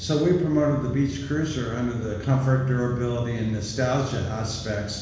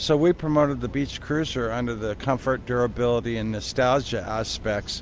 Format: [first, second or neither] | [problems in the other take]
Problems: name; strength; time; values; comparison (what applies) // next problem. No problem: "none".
second | room echo; dies away in 1.1 s